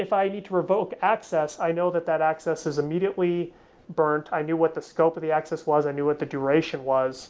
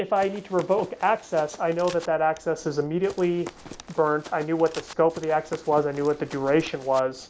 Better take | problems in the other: first | background sound (Run + Camera); 19 dB below the speech

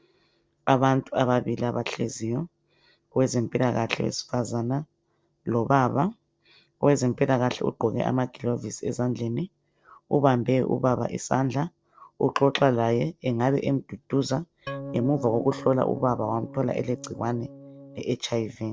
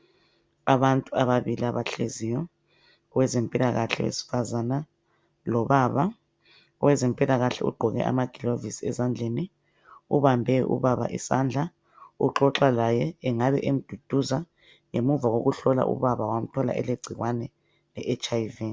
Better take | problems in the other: second | noise reduction (neural separator model SepFormer DNS4)

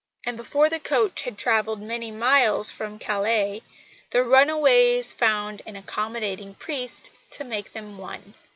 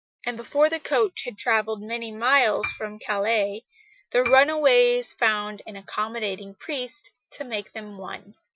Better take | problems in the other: first | noise reduction (classical method Wiener filter)

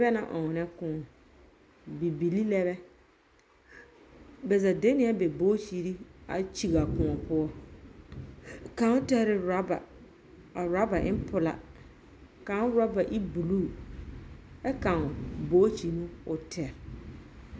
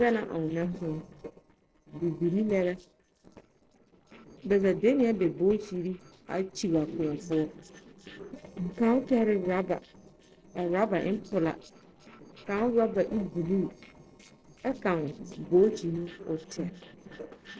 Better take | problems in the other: first | noise reduction (neural separator model SepFormer DNS4)

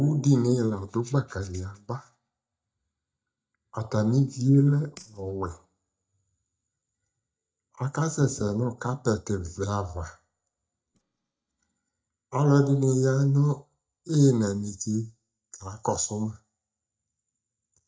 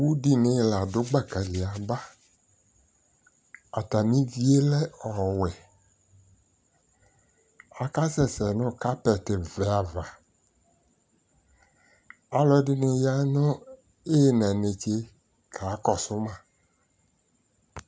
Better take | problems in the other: second | noise reduction (neural mask model DeepFilterNet 3)

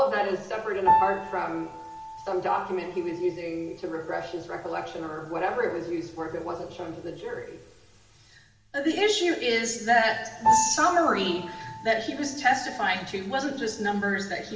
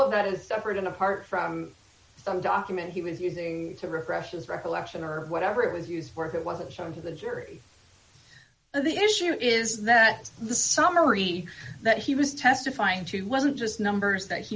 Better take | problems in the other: second | background sound (Piano); 6 dB below the speech // room echo; dies away in 1 s

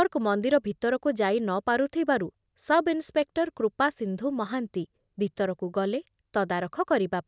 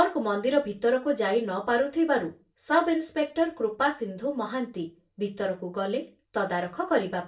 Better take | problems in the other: first | room echo; dies away in 0.3 s

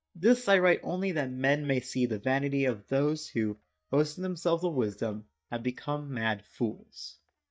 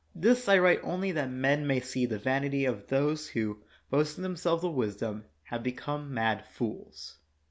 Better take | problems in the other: second | noise reduction (neural mask model DeepFilterNet 3)

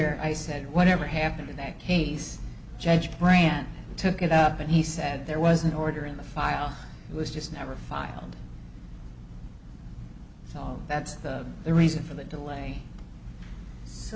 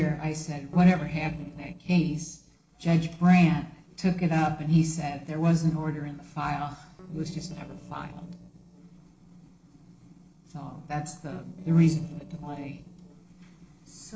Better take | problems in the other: first | noise reduction (neural separator model SepFormer DNS4)

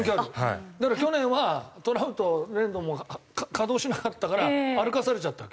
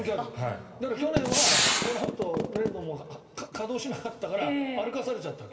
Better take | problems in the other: first | background sound (Gunshot, gunfire); 5 dB above the speech // room echo; dies away in 2 s

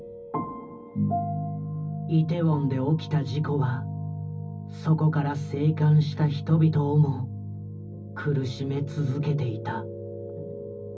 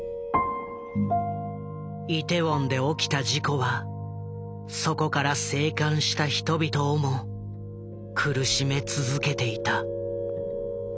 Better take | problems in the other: second | room echo; dies away in 0.4 s

